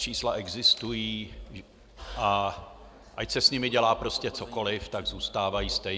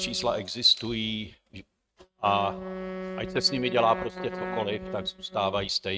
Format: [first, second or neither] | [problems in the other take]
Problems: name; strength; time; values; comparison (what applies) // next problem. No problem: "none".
first | noise reduction (neural mask model RNNoise)